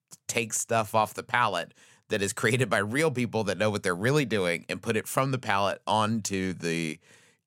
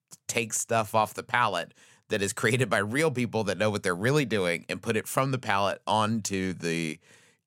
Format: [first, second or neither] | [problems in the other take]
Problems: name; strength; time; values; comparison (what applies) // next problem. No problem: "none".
neither | none